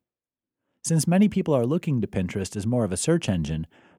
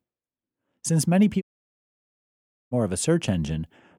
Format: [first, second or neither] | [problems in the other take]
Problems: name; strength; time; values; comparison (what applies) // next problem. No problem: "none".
first | audio cutting out; at 1.5 s for 1.5 s